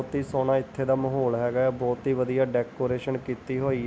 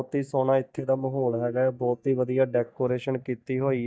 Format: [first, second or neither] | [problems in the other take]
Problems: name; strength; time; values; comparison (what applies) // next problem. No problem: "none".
first | noise reduction (neural mask model DeepFilterNet 3)